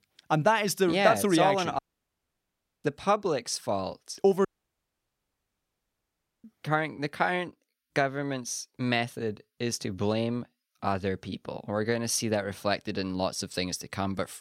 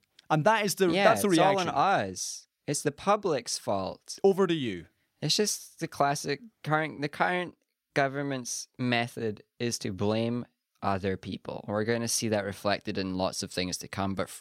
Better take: second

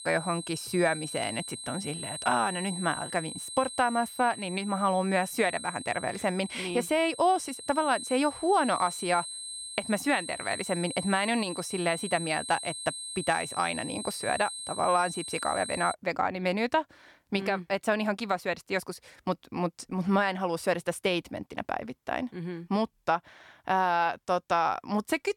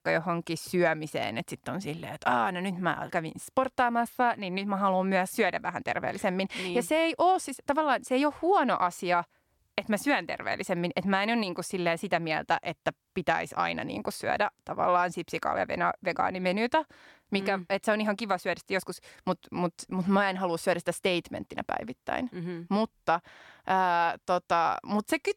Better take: second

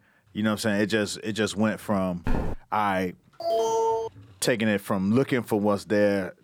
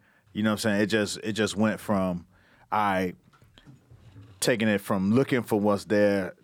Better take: second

